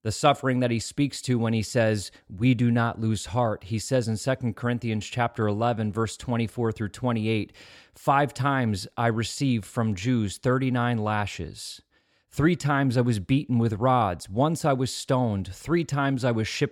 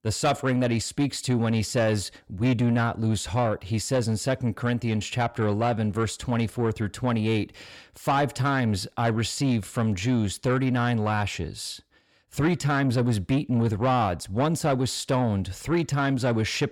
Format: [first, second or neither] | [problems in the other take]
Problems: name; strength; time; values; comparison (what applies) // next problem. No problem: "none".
first | distortion; slight; 10 dB below the speech